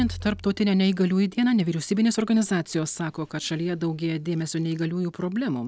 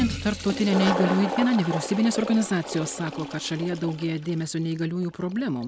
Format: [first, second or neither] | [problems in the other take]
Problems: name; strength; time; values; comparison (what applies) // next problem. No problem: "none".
first | background sound (Toilet flush); 8 dB below the speech